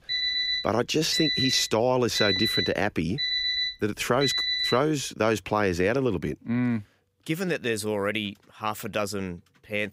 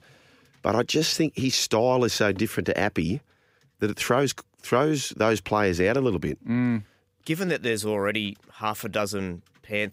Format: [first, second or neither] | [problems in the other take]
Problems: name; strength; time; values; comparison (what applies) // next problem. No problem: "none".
second | alarm; loud; until 5 s; peak 3 dB above the speech